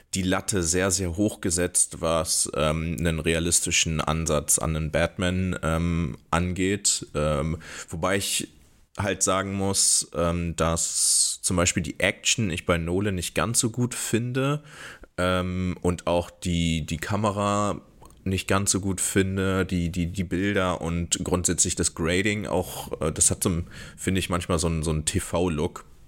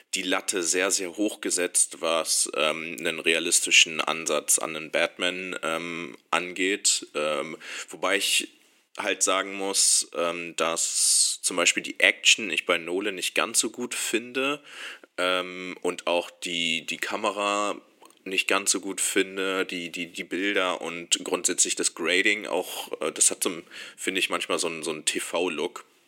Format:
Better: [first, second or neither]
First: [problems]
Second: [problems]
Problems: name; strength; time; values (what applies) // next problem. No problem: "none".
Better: first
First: none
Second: thin; somewhat; fading below 300 Hz